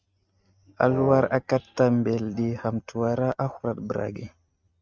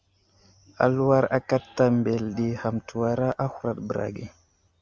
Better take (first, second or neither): second